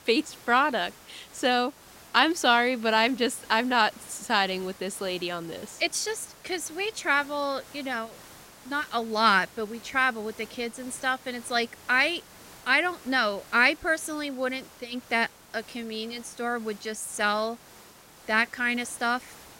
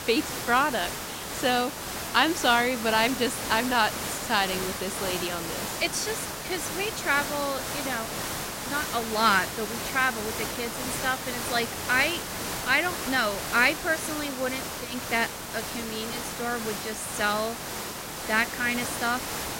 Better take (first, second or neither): first